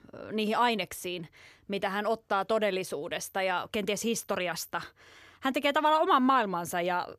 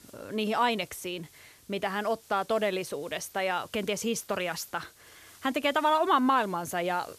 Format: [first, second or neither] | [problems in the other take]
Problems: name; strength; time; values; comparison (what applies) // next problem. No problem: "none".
first | hiss; faint; throughout; 25 dB below the speech